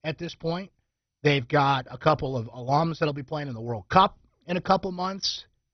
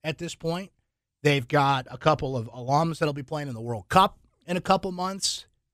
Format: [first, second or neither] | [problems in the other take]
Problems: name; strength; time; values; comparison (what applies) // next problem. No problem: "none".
second | garbled, watery; badly; nothing above 6 kHz